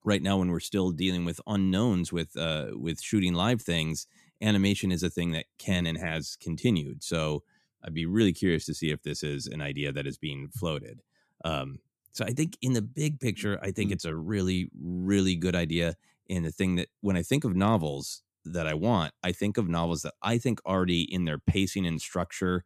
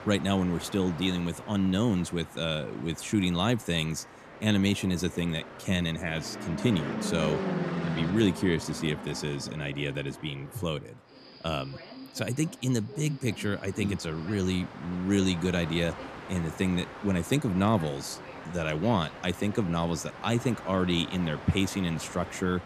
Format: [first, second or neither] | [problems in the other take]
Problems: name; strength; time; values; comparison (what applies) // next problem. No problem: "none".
first | train or aircraft noise; noticeable; throughout; 10 dB below the speech